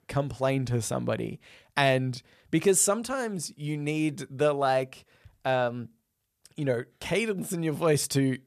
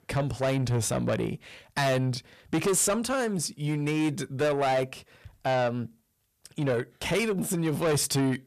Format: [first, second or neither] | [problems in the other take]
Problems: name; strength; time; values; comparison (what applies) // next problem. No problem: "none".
first | distortion; heavy; 8 dB below the speech